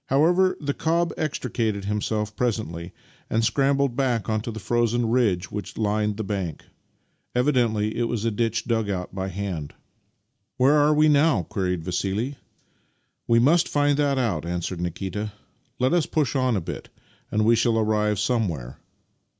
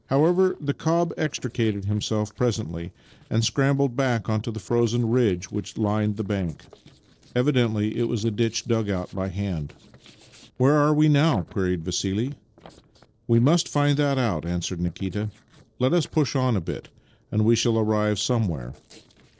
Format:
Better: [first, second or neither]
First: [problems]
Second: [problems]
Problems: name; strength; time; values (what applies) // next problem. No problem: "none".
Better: first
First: none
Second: noise reduction (neural separator model SepFormer DNS4)